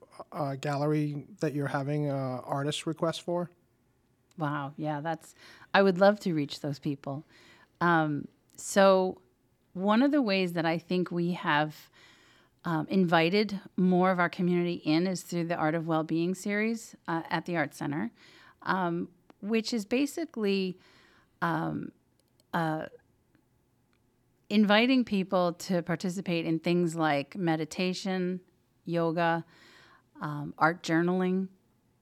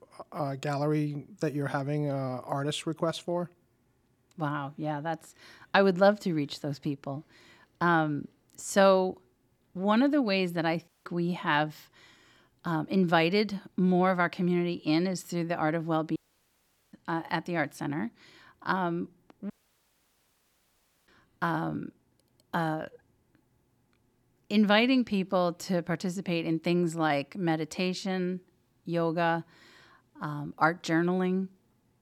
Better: first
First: none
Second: audio cutting out; at 11 s, at 16 s for 1 s and at 20 s for 1.5 s

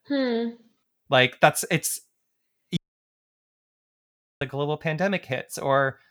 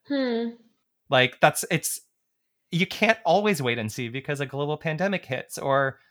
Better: second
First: audio cutting out; at 3 s for 1.5 s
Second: none

